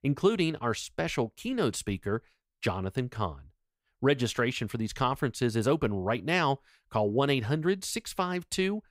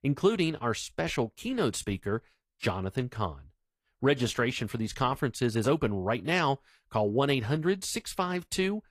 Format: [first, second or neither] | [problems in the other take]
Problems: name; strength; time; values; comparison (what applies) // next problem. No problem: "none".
first | garbled, watery; slightly; nothing above 15 kHz